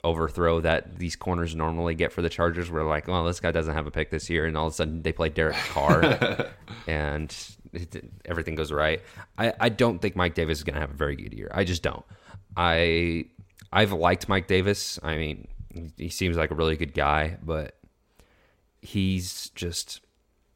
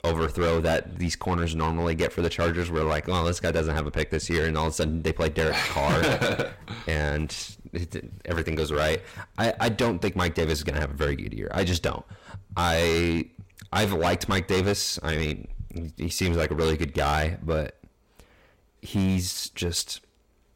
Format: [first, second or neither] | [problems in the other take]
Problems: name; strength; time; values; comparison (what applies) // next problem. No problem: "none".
first | distortion; heavy; 11% of the sound clipped